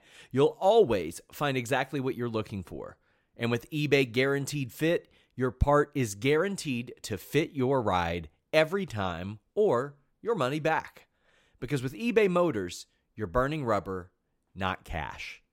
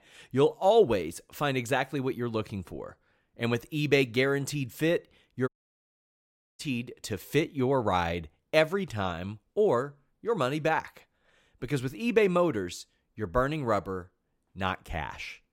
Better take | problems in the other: first | audio cutting out; at 5.5 s for 1 s

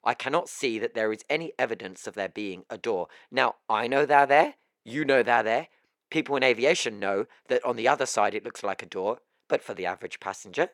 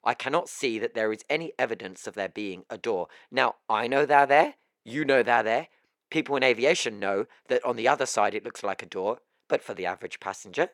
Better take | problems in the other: neither | thin; somewhat; fading below 450 Hz; the same in both

